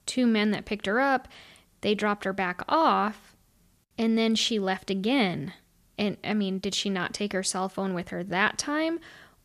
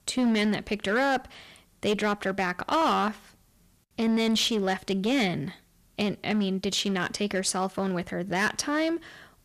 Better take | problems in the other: first | distortion; slight; 7% of the sound clipped

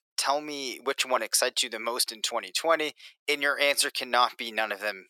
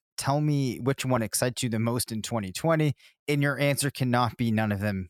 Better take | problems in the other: second | thin; very; fading below 400 Hz

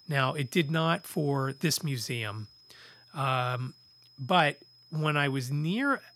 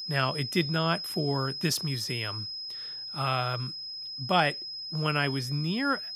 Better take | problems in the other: first | high-pitched whine; loud; throughout; 5 kHz, 5 dB below the speech; faint in the first

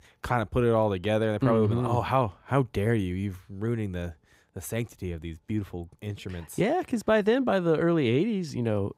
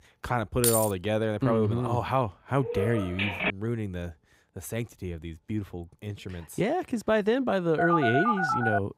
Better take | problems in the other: first | jangling keys; loud; at 0.5 s; peak 2 dB above the speech // phone ringing; loud; at 2.5 s and from 8 s on; peak 3 dB above the speech

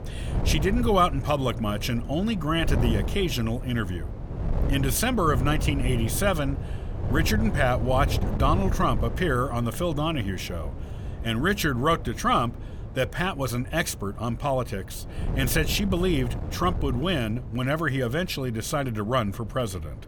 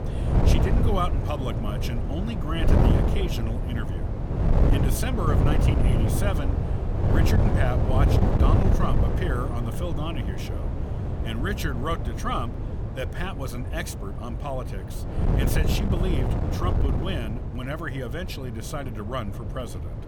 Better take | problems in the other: first | wind noise on the microphone; heavy; 1 dB below the speech; occasional gusts in the first

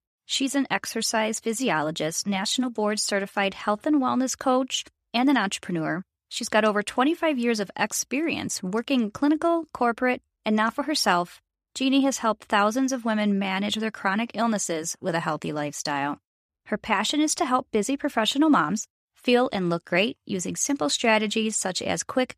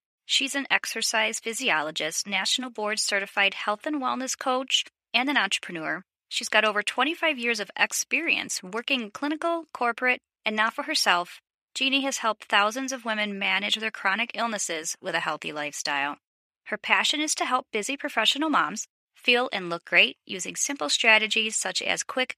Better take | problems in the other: first | thin; somewhat; fading below 600 Hz

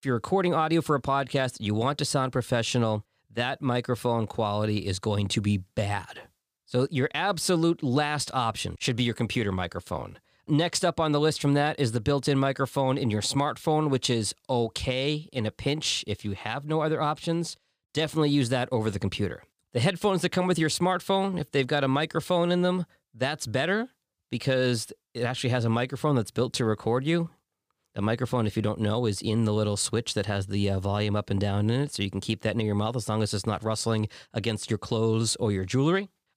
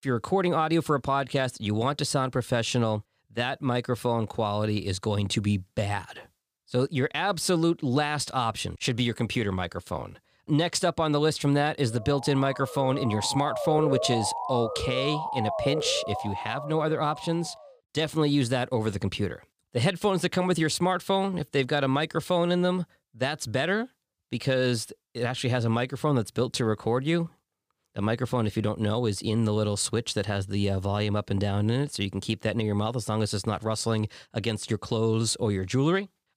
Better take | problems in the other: first | siren; noticeable; from 12 to 18 s; peak 1 dB below the speech

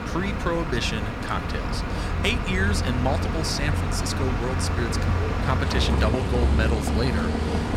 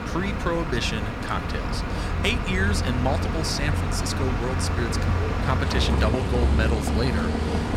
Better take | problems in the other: neither | traffic noise; very loud; throughout; 2 dB above the speech; the same in both

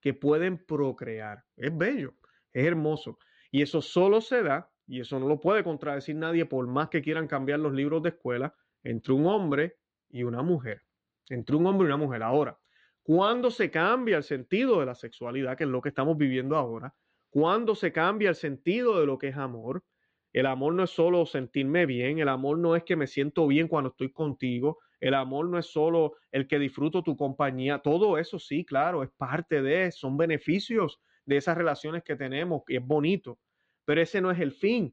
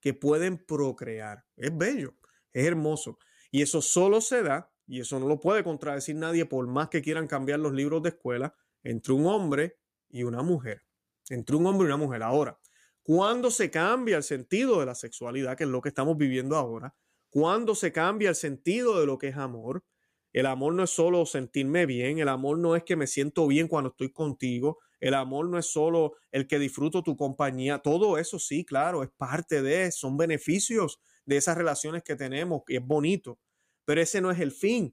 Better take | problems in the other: second | muffled; very; fading above 4.5 kHz

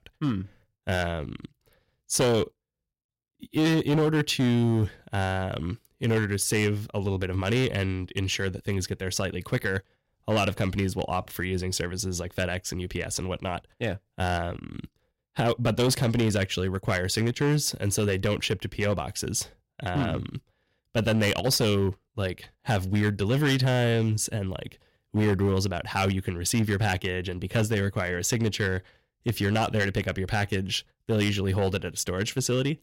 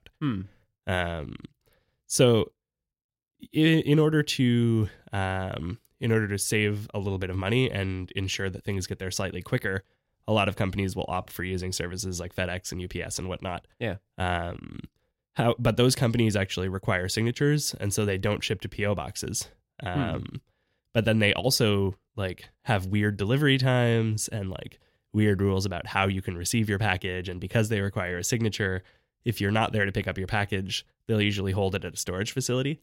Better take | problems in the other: second | distortion; slight; 6% of the sound clipped

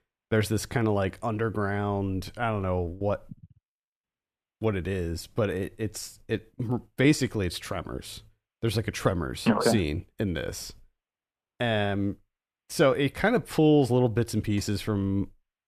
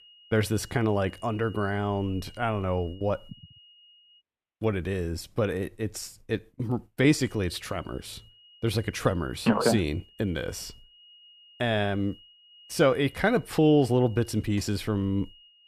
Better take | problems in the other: first | high-pitched whine; faint; until 4 s and from 7 s on; 3 kHz, 25 dB below the speech

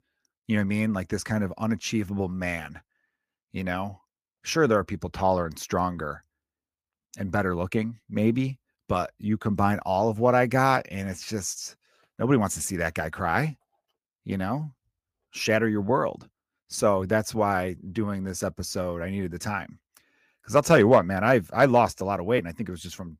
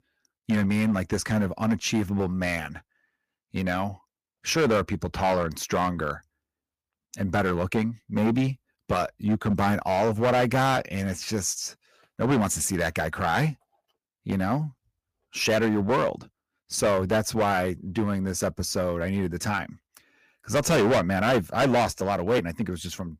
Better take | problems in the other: first | distortion; heavy; 8% of the sound clipped

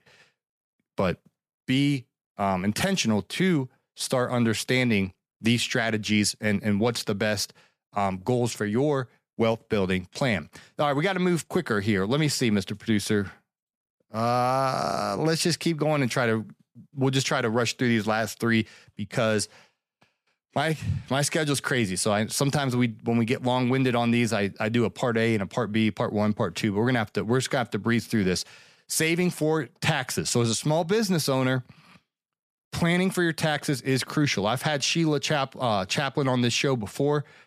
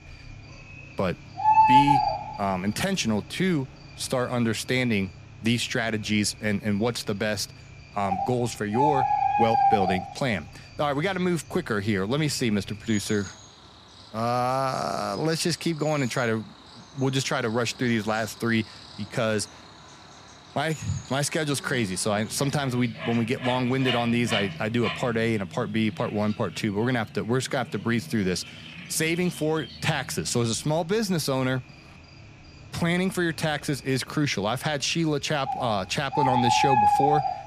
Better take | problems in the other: first | animal sounds; very loud; throughout; as loud as the speech

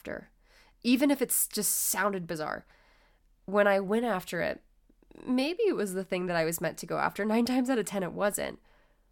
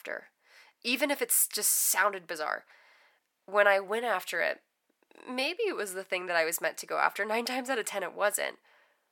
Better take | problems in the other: first | thin; somewhat; fading below 550 Hz

